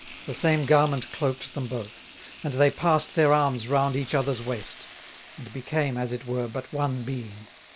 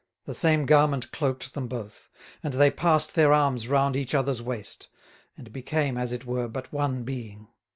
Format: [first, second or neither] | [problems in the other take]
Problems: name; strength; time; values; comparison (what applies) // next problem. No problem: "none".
second | background sound (Frying (food)); 19 dB below the speech